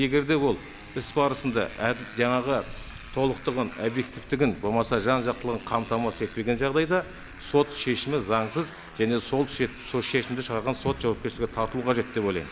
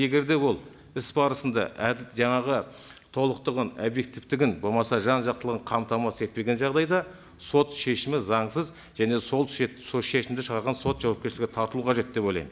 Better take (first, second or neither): second